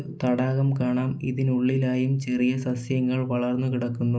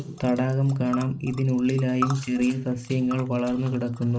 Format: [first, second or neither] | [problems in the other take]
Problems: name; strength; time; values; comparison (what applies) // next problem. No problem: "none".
first | noise reduction (neural mask model RNNoise)